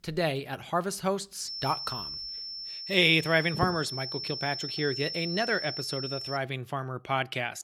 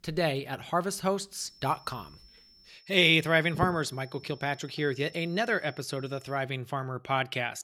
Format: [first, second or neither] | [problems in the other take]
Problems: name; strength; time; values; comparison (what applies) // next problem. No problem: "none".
second | high-pitched whine; loud; from 1.5 to 6.5 s; 5.5 kHz, 6 dB below the speech; faint in the second